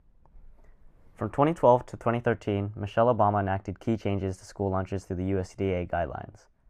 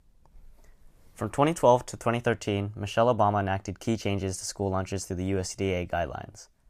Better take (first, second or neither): second